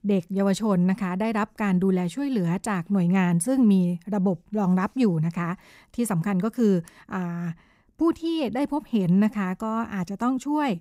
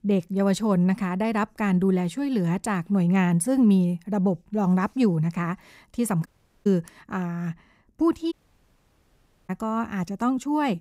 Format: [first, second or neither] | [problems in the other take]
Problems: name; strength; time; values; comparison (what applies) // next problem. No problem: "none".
first | audio cutting out; at 6.5 s and at 8.5 s for 1 s